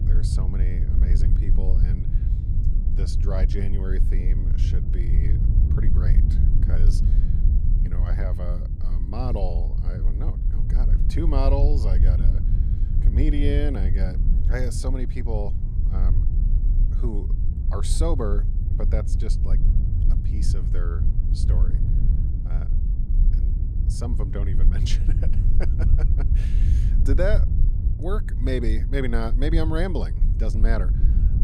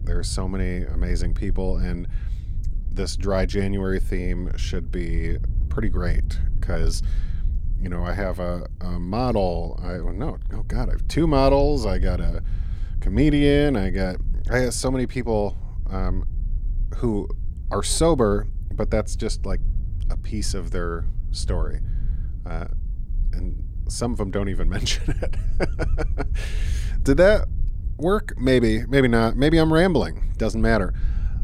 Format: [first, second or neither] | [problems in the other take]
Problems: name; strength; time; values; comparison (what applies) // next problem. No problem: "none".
second | low rumble; loud; throughout; 7 dB below the speech; faint in the second